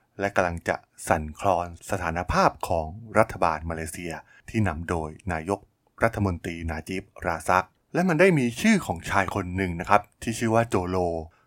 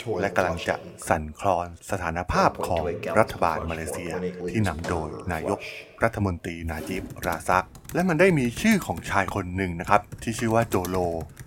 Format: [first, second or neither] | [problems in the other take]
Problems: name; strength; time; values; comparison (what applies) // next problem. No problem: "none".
first | household noises; loud; throughout; 10 dB below the speech